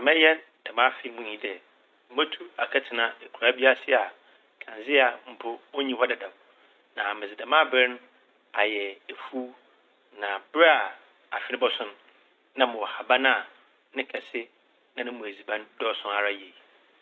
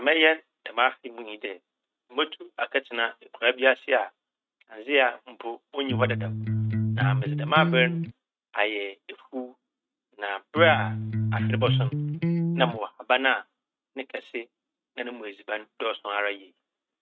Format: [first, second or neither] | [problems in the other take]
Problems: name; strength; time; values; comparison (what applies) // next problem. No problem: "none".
first | noise reduction (neural mask model RNNoise)